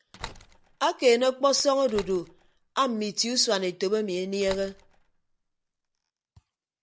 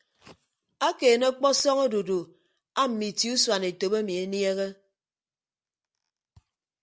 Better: second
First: background sound (Slam); 20 dB below the speech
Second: none

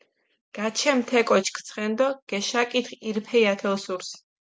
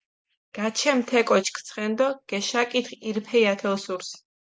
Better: first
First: none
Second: noise reduction (neural mask model Resemble Enhance denoiser)

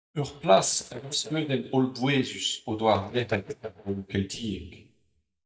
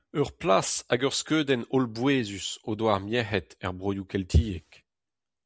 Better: second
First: noise reduction (neural mask model DeepFilterNet 3)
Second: none

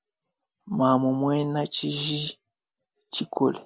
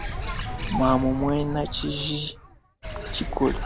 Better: first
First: none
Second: background sound (Bird); 5 dB below the speech

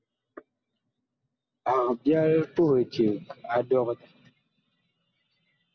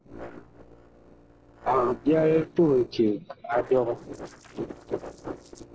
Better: first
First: none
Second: noise reduction (neural separator model SepFormer DNS4)

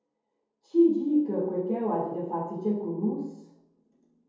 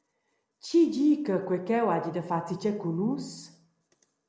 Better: second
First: room echo; dies away in 0.7 s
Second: none

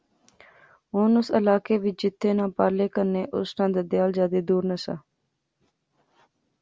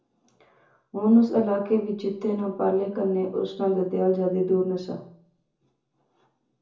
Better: first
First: none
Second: room echo; dies away in 0.6 s

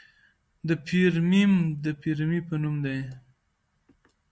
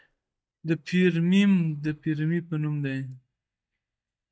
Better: first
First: none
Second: noise reduction (neural mask model DeepFilterNet 3)

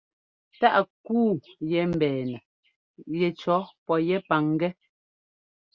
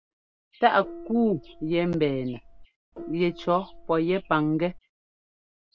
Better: first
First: none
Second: background sound (Gong); 17 dB below the speech

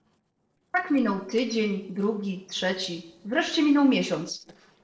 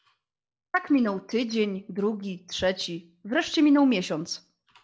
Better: second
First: noise reduction (neural separator model SepFormer DNS4)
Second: none

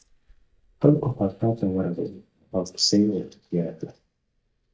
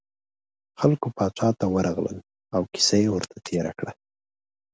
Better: second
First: noise reduction (neural mask model DeepFilterNet 3)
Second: none

